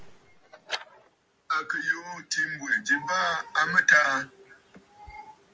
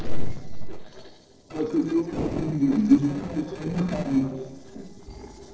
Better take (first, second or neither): first